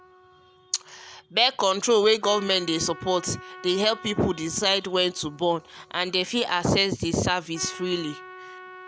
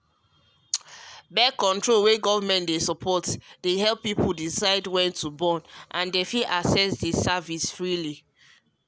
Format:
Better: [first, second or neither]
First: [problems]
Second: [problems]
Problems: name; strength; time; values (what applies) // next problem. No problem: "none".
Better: second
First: background sound (Trumpet); 19 dB below the speech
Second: none